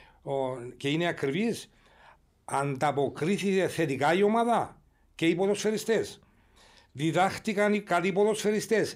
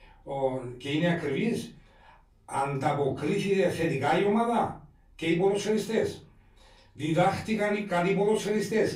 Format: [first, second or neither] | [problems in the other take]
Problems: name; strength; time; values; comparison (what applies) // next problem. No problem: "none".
first | off-mic speech; far // room echo; slight; dies away in 0.3 s